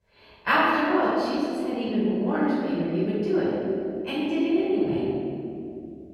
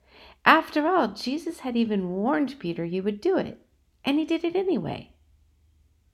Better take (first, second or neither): second